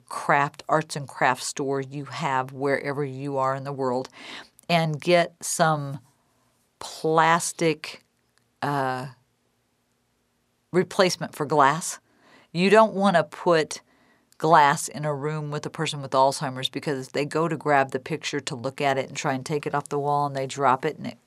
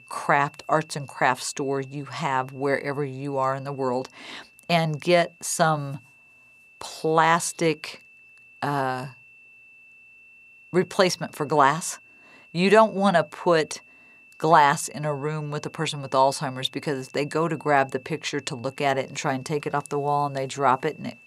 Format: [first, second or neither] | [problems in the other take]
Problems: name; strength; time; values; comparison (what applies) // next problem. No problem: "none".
first | high-pitched whine; faint; throughout; 2.5 kHz, 25 dB below the speech